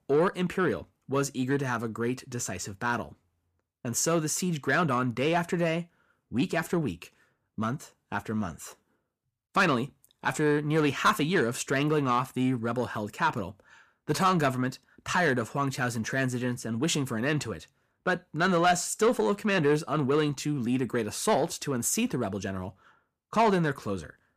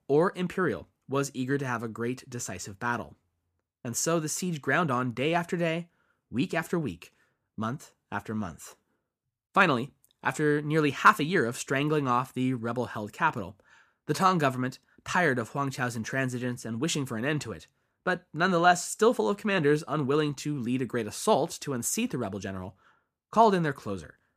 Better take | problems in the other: second | distortion; slight; 10 dB below the speech

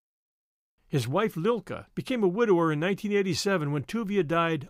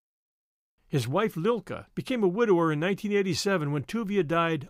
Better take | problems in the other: neither | none

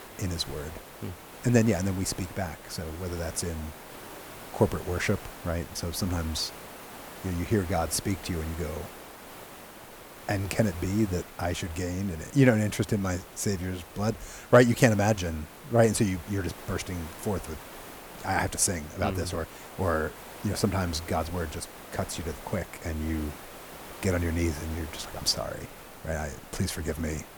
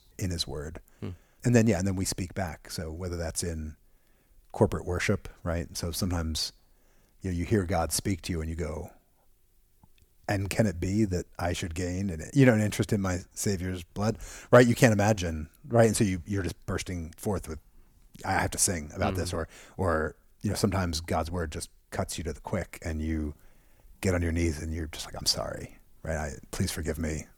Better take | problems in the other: second | hiss; noticeable; throughout; 15 dB below the speech

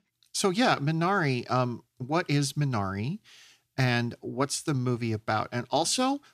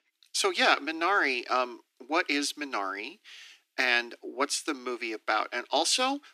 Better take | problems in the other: first | thin; somewhat; fading below 300 Hz

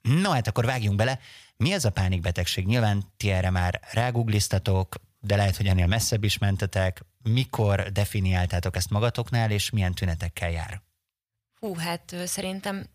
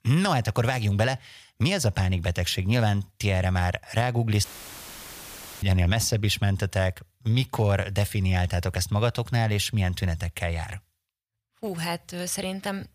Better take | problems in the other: first | audio cutting out; filled with static; at 4.5 s for 1 s

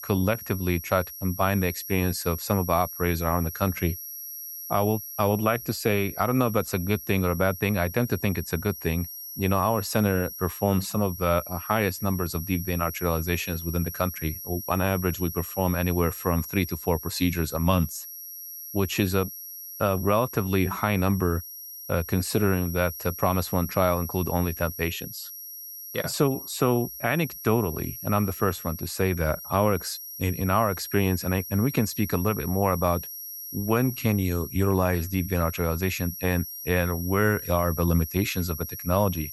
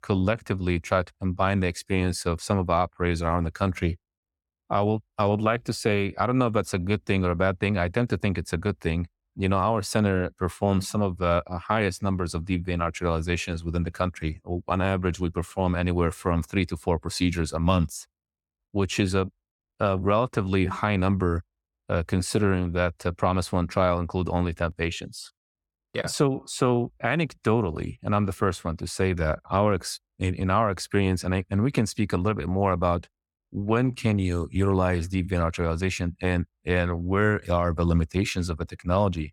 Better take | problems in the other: second | high-pitched whine; loud; throughout; 11.5 kHz, 10 dB below the speech

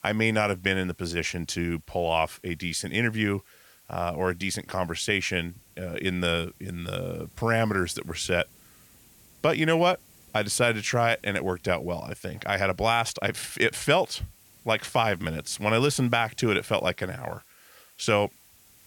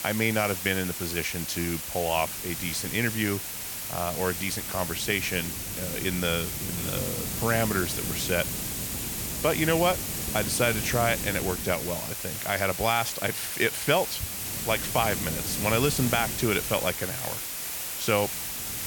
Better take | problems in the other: first | hiss; loud; throughout; 2 dB below the speech; faint in the first

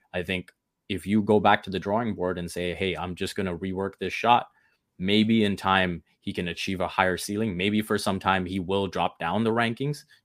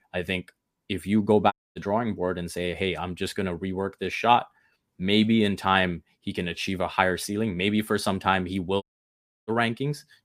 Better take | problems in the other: first | audio cutting out; at 1.5 s and at 9 s for 0.5 s

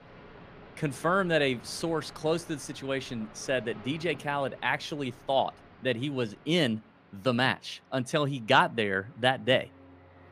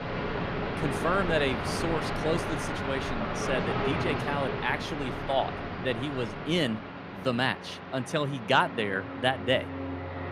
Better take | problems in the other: first | train or aircraft noise; loud; throughout; 3 dB below the speech; faint in the first

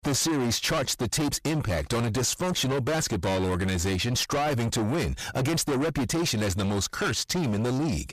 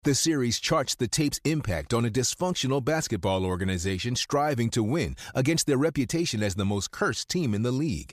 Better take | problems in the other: second | distortion; heavy; 6 dB below the speech

